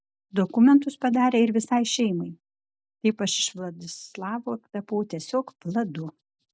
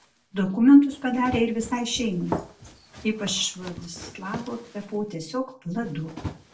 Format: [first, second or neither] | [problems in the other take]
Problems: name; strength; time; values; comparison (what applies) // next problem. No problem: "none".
first | background sound (Run); 14 dB below the speech // room echo; dies away in 0.3 s